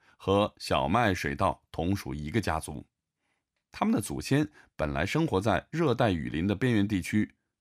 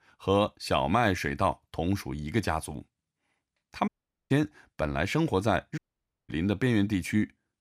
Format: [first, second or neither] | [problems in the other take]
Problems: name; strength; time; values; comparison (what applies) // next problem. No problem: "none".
first | audio cutting out; at 4 s and at 6 s for 0.5 s